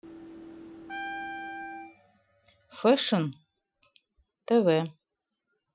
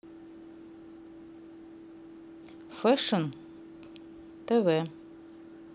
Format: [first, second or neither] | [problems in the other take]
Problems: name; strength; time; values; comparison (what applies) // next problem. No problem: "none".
second | noise reduction (classical method Wiener filter)